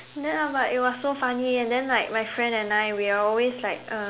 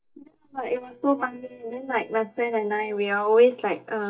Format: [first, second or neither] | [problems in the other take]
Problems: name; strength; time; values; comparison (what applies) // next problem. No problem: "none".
first | noise reduction (neural mask model DeepFilterNet 3)